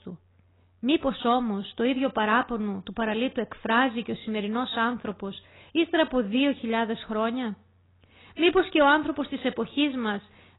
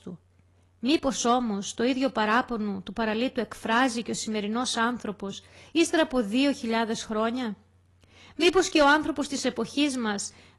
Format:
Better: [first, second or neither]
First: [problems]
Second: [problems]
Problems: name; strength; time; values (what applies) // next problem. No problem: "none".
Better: second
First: garbled, watery; badly; nothing above 4 kHz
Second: garbled, watery; slightly